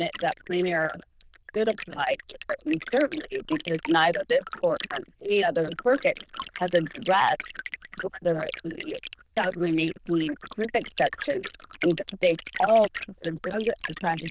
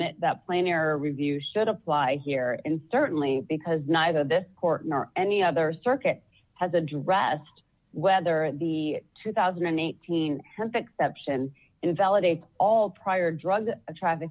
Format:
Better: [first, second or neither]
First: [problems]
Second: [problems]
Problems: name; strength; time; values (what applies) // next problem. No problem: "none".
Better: second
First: noise reduction (neural diffusion model UNIVERSE++)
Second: none